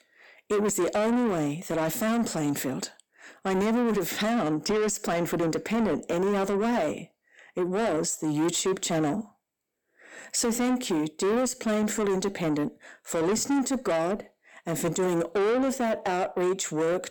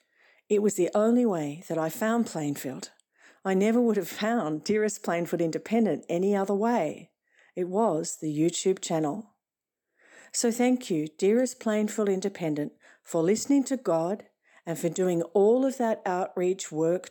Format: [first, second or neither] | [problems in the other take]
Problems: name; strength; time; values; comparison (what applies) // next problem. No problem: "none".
second | distortion; heavy; 7 dB below the speech